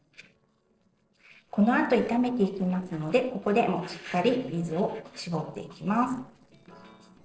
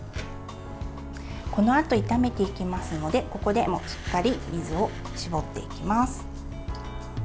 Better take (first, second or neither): second